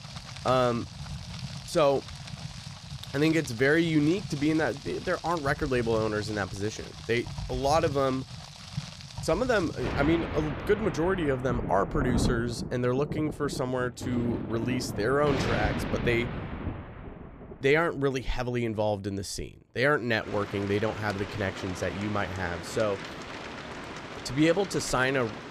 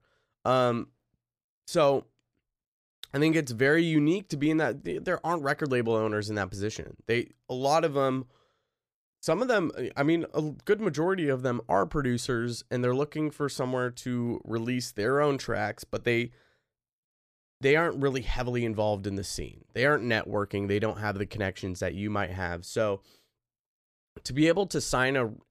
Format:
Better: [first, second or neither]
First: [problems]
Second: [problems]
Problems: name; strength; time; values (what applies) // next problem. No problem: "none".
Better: second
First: rain or running water; loud; throughout; 9 dB below the speech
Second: none